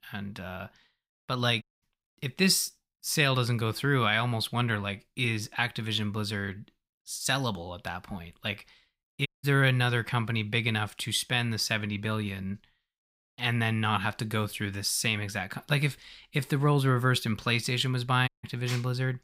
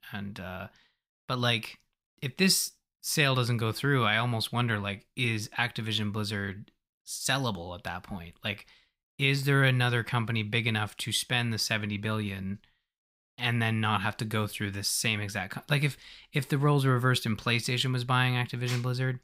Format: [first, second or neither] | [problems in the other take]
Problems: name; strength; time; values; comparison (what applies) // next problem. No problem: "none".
second | audio cutting out; at 1.5 s, at 9.5 s and at 18 s